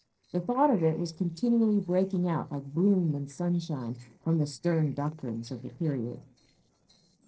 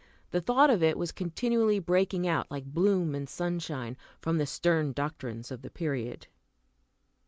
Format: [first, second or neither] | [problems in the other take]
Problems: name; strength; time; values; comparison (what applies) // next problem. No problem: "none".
second | noise reduction (neural separator model SepFormer DNS4)